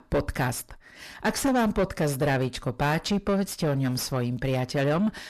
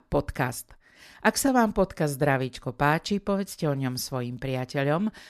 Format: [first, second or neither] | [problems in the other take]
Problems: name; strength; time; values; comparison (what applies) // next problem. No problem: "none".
second | distortion; heavy; 6 dB below the speech